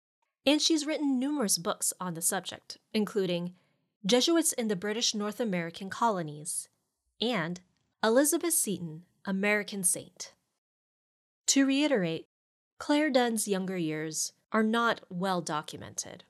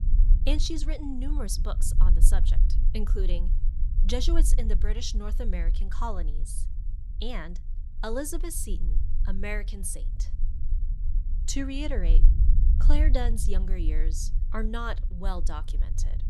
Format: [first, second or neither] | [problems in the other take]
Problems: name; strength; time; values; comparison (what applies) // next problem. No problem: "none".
first | low rumble; noticeable; throughout; 15 dB below the speech